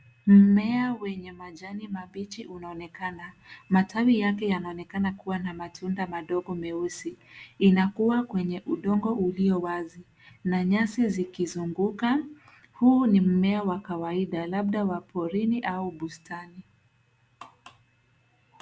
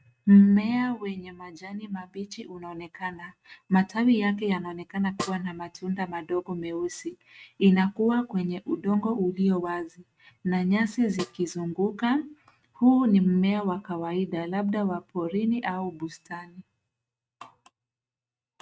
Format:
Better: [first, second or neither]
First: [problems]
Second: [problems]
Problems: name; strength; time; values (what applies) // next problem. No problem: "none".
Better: first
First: none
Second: noise reduction (neural mask model RNNoise)